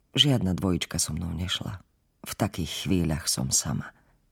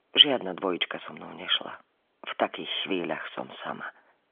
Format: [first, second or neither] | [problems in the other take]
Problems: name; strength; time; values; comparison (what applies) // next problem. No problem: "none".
first | phone-call audio; nothing above 3.5 kHz